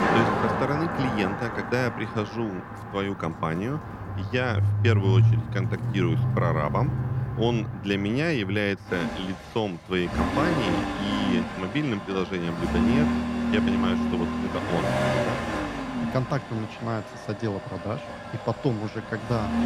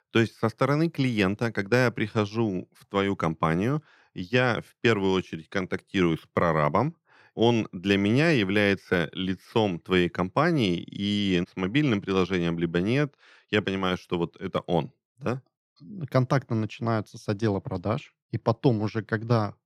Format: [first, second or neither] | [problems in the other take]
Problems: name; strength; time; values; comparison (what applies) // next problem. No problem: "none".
second | traffic noise; very loud; throughout; 1 dB above the speech